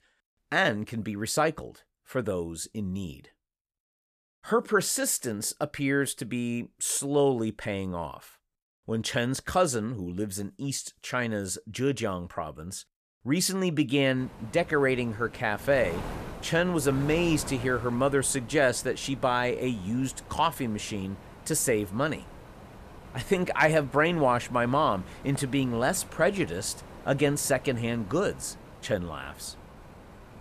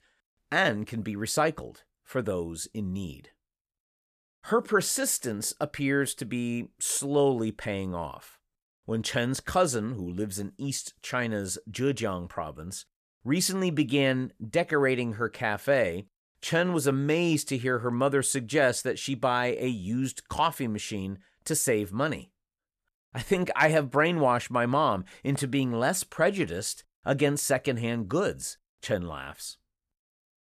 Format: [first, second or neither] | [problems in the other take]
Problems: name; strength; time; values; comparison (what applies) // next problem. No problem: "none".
second | wind noise on the microphone; occasional gusts; from 14 s on; 20 dB below the speech